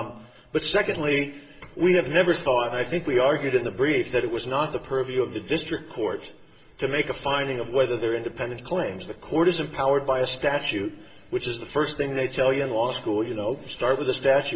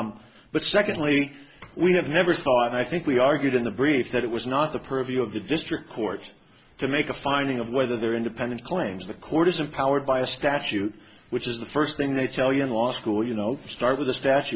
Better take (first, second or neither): second